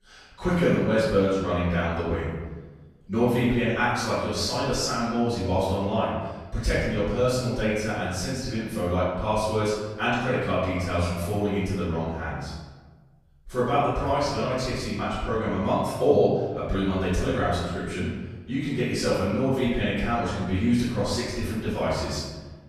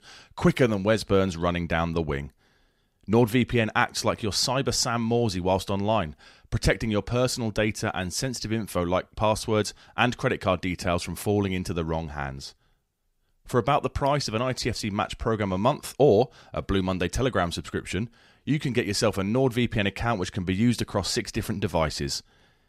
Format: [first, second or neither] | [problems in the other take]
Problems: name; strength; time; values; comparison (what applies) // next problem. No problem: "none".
second | off-mic speech; far // room echo; strong; dies away in 1.1 s